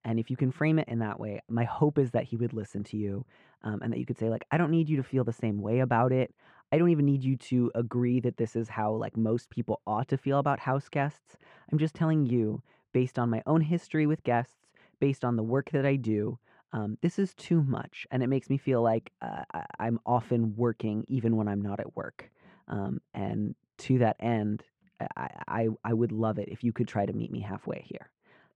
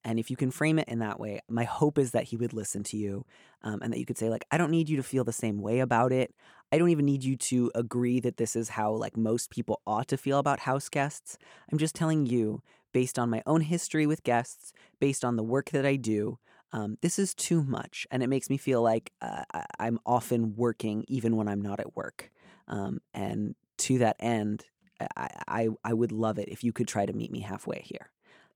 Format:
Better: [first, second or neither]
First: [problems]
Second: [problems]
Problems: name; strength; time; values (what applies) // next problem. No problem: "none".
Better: second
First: muffled; very; fading above 2.5 kHz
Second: none